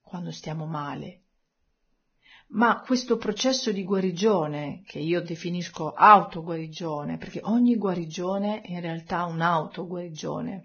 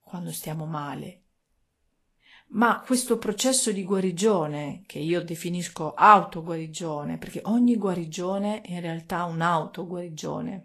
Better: second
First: garbled, watery; badly; nothing above 6.5 kHz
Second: garbled, watery; slightly; nothing above 12 kHz

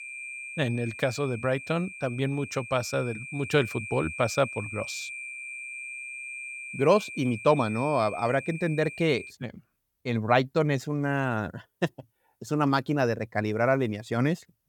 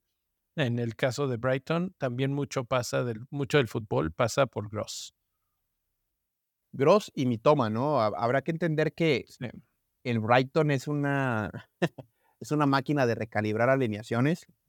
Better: second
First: high-pitched whine; noticeable; until 9.5 s; 2.5 kHz, 10 dB below the speech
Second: none

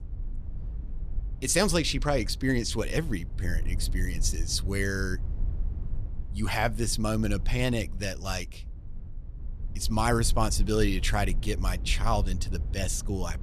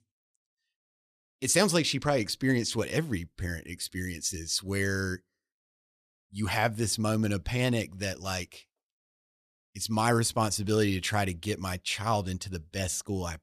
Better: second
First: low rumble; faint; throughout; 20 dB below the speech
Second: none

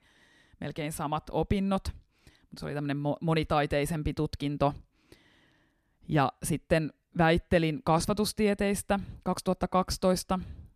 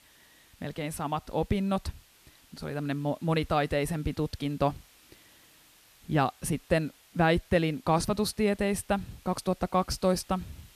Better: first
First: none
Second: hiss; faint; throughout; 25 dB below the speech

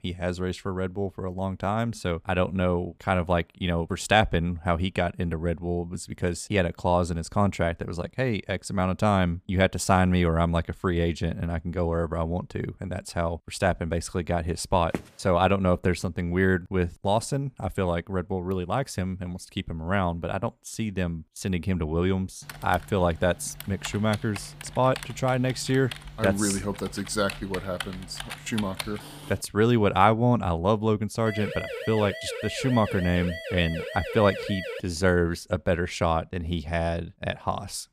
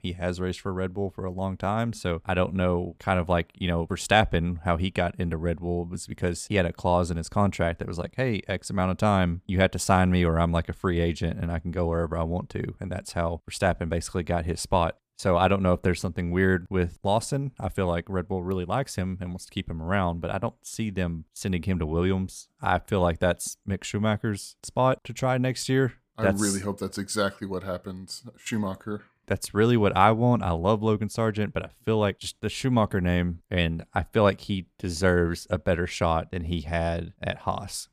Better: second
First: footsteps; noticeable; at 15 s; peak 9 dB below the speech // keyboard typing; noticeable; from 22 to 29 s; peak 8 dB below the speech // siren; noticeable; from 31 to 35 s; peak 7 dB below the speech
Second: none

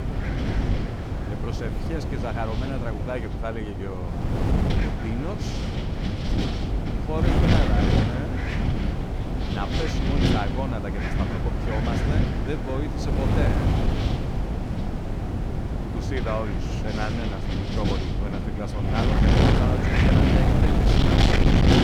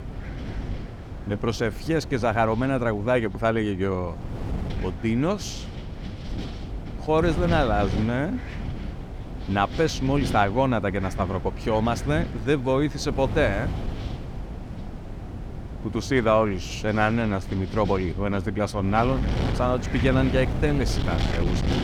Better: second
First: wind noise on the microphone; heavy; 3 dB above the speech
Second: wind noise on the microphone; occasional gusts; 15 dB below the speech

